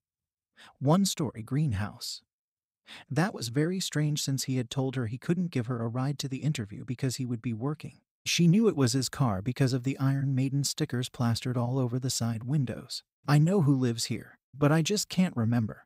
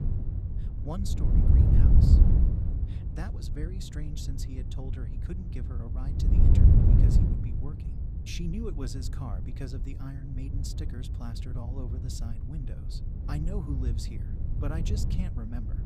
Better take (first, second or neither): first